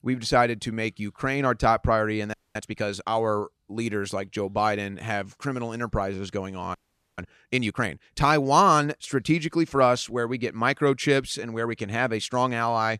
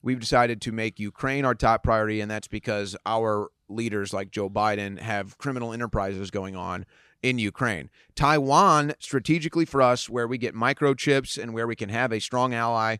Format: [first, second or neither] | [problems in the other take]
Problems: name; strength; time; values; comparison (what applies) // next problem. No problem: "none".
second | audio freezing; at 2.5 s and at 6.5 s